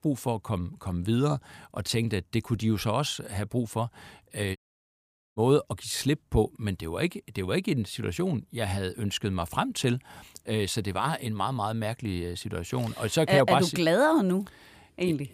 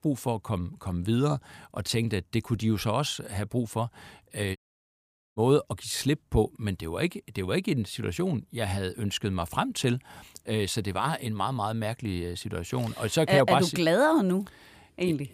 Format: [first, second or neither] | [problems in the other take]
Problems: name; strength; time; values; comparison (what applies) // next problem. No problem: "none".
neither | audio cutting out; at 4.5 s for 1 s; the same in both